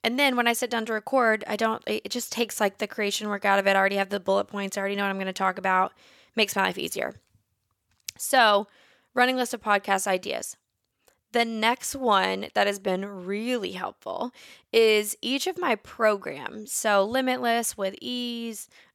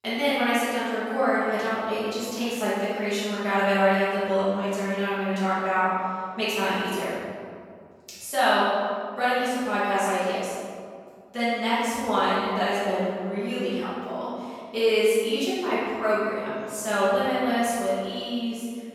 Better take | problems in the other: first | off-mic speech; far // room echo; strong; dies away in 2.1 s

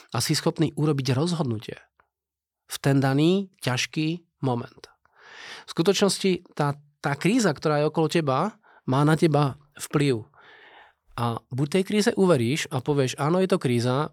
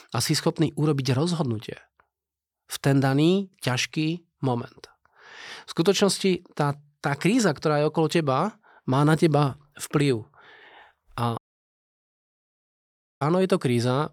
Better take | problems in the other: first | audio cutting out; at 11 s for 2 s

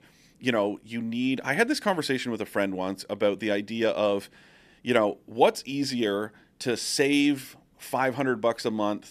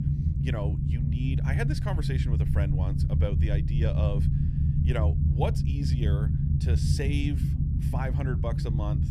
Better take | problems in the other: first | low rumble; loud; throughout; 2 dB below the speech

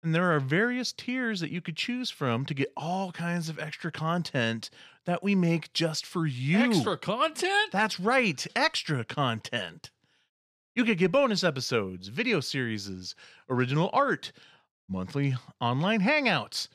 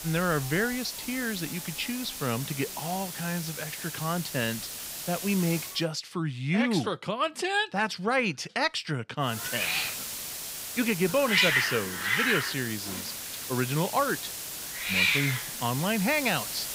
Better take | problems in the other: first | hiss; loud; until 5.5 s and from 9.5 s on; 1 dB below the speech

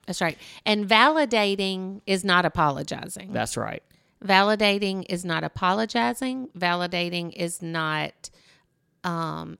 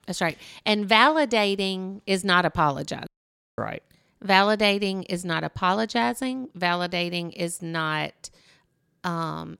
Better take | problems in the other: first | audio cutting out; at 3 s for 0.5 s

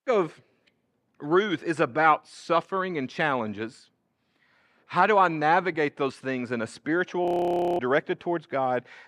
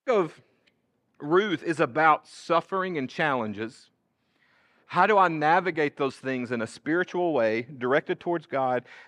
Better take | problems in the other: second | audio freezing; at 7.5 s for 0.5 s

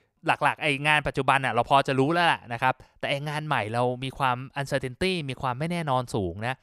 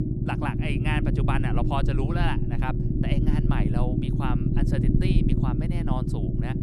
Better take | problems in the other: first | low rumble; loud; throughout; 1 dB below the speech

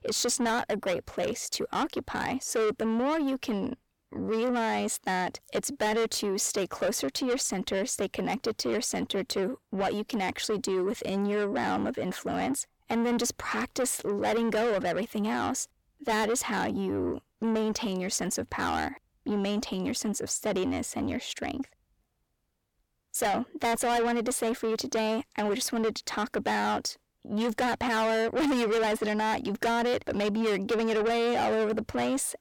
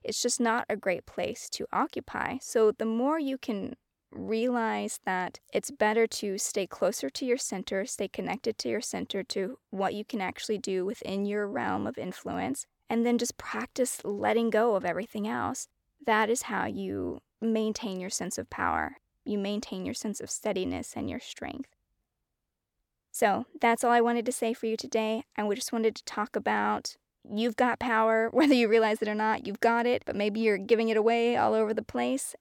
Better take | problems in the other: second | distortion; heavy; 7 dB below the speech

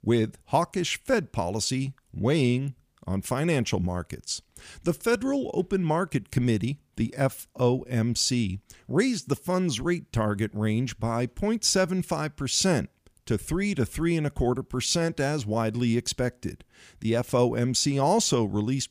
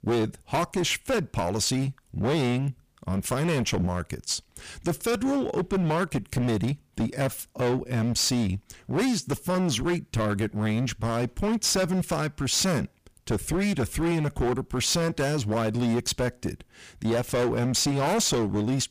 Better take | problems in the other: first | distortion; heavy; 18% of the sound clipped

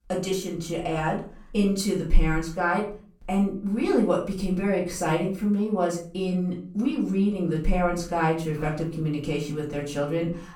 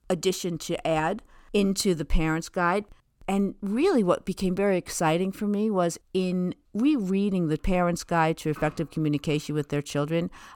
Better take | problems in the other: second | room echo; slight; dies away in 0.4 s // off-mic speech; far

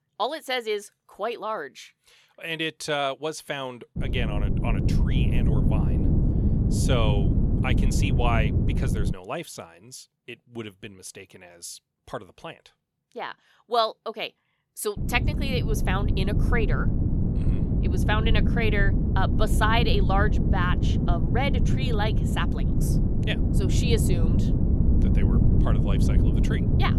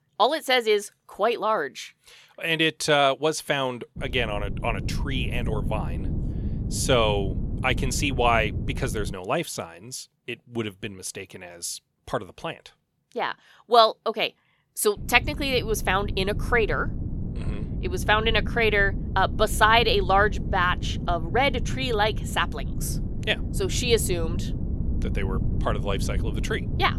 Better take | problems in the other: second | wind noise on the microphone; heavy; from 4 to 9 s and from 15 s on; 5 dB below the speech; occasional gusts in the second

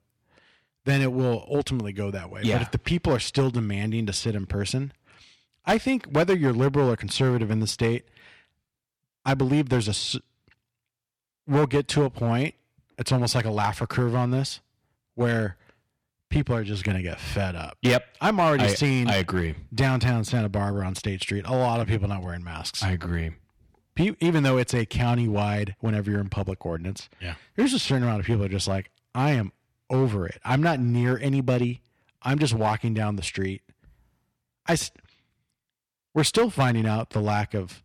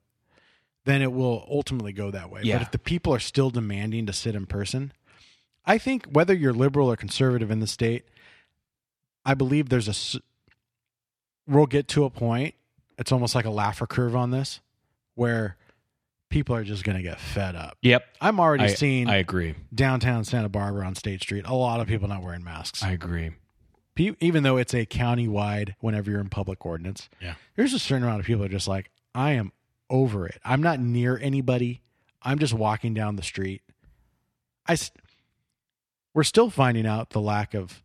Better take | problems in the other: second | distortion; slight; 4% of the sound clipped

